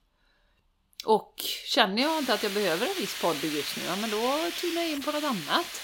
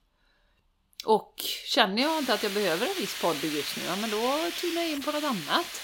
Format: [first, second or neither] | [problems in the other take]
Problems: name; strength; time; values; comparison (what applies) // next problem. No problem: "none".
neither | hiss; very faint; from 2 s on; 6 dB below the speech; the same in both